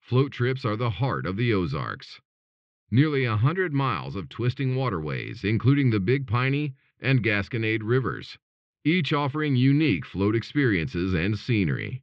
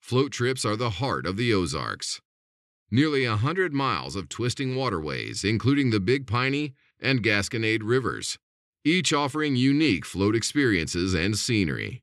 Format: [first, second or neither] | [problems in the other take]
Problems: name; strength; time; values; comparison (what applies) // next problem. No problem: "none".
second | muffled; slightly; fading above 3.5 kHz